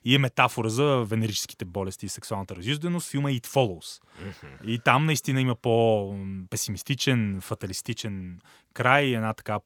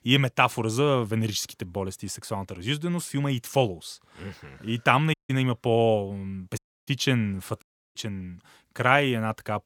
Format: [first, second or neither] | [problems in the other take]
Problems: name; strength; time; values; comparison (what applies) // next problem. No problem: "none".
first | audio cutting out; at 5 s, at 6.5 s and at 7.5 s